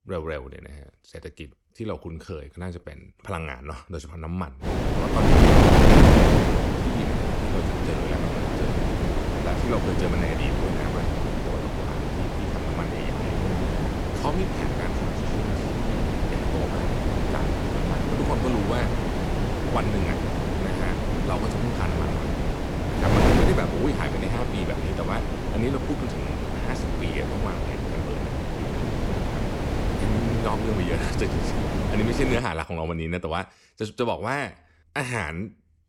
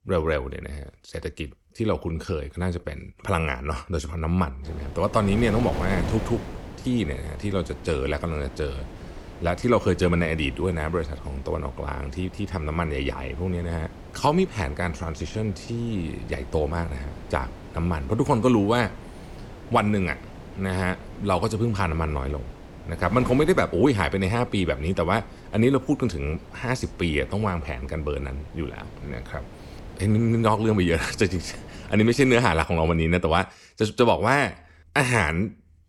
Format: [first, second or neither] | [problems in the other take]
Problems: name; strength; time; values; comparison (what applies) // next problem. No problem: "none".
second | wind noise on the microphone; heavy; from 4.5 to 32 s; 4 dB above the speech; occasional gusts in the second